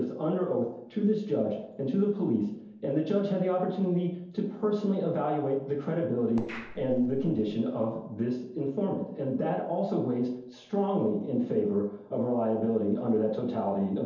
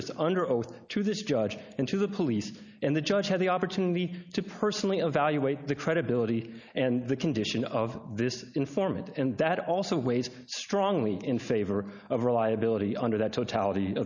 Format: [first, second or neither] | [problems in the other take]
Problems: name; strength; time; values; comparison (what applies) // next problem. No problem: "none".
second | noise reduction (neural separator model SepFormer DNS4)